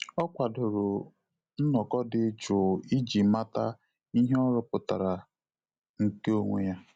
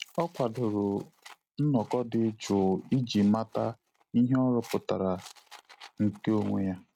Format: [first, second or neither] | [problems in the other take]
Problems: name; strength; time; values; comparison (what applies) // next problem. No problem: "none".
first | noise reduction (neural mask model RNNoise)